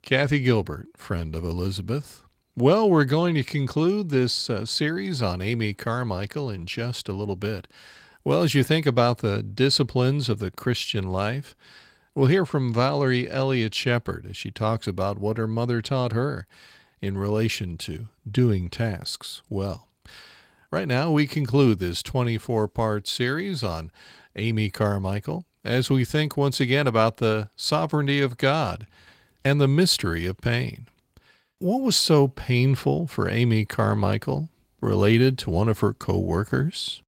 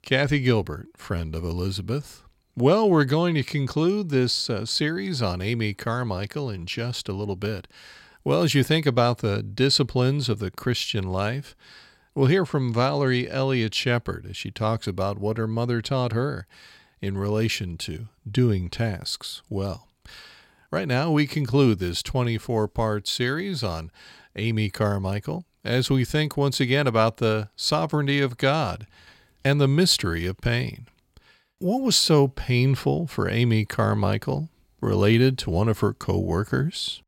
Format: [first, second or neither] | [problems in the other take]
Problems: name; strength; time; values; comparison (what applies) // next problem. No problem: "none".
second | garbled, watery; slightly; nothing above 16 kHz